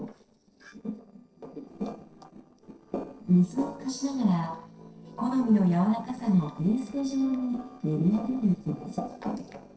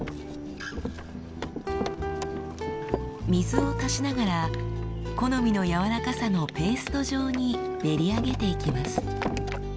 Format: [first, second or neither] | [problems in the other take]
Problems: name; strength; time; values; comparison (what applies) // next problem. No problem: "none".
second | noise reduction (neural separator model SepFormer DNS4)